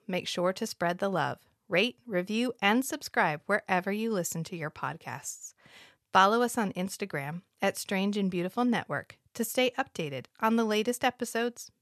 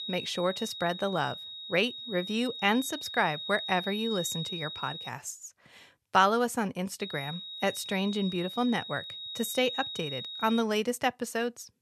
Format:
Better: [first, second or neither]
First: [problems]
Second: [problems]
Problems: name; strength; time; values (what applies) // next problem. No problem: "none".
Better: first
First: none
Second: high-pitched whine; loud; until 5 s and from 7 to 11 s; 4 kHz, 7 dB below the speech